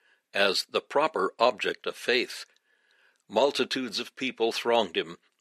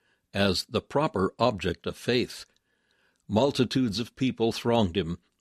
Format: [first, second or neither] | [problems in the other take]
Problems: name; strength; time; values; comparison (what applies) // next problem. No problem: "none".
second | thin; somewhat; fading below 450 Hz